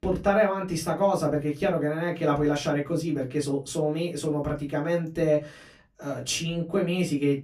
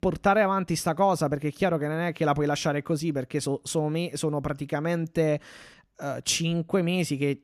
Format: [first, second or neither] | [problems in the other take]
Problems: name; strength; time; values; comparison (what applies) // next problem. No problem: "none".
second | off-mic speech; far // room echo; very slight; dies away in 0.2 s